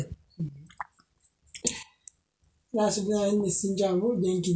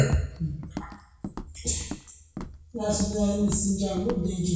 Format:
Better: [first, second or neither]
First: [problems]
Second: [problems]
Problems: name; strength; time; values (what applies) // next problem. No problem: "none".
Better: first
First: none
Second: background sound (Walk, footsteps); 13 dB below the speech // room echo; dies away in 0.6 s